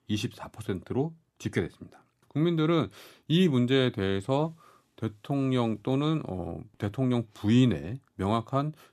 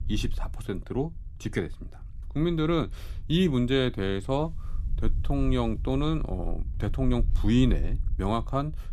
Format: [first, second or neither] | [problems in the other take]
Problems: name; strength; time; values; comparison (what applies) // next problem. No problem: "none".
first | low rumble; faint; throughout; 25 dB below the speech